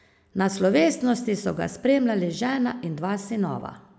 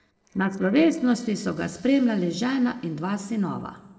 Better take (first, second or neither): first